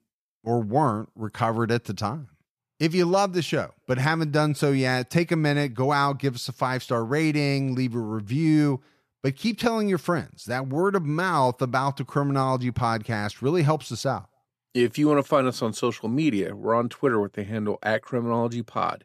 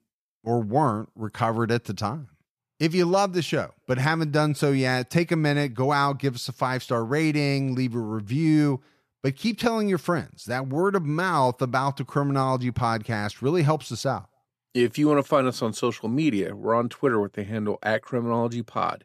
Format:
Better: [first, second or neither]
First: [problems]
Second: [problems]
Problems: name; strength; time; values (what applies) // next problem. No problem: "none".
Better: neither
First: none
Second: none